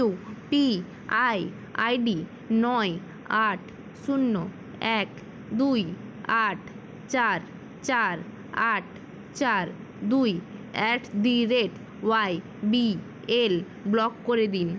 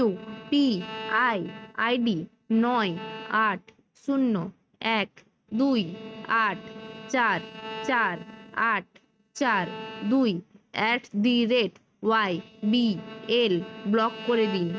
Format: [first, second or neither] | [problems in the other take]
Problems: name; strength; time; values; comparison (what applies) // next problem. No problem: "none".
first | noise reduction (neural mask model RNNoise)